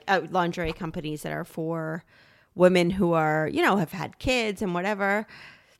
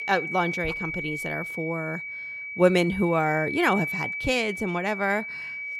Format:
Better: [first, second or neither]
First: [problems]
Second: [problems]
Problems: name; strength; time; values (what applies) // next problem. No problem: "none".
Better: first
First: none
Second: high-pitched whine; loud; throughout; 2.5 kHz, 5 dB below the speech